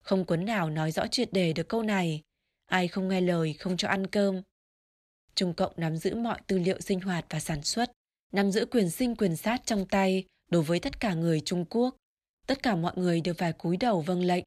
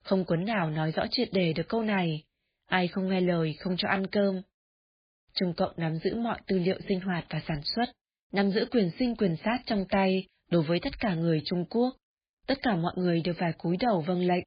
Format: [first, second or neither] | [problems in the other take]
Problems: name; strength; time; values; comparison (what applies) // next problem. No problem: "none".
first | garbled, watery; badly; nothing above 5 kHz